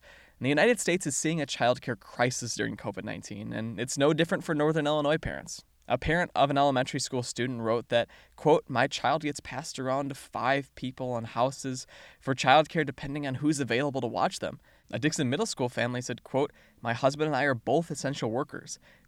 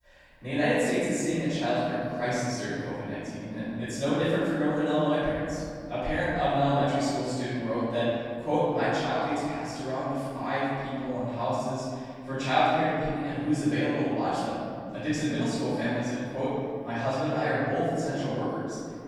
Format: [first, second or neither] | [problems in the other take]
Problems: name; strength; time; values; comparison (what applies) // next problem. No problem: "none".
first | off-mic speech; far // room echo; strong; dies away in 2.3 s